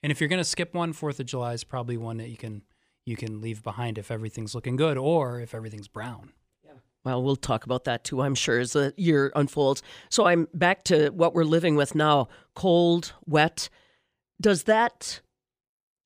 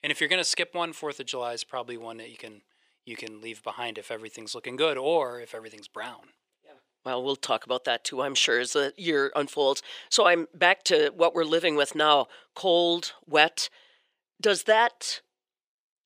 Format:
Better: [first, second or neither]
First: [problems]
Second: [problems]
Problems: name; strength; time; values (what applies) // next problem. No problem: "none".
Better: first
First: none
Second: thin; somewhat; fading below 450 Hz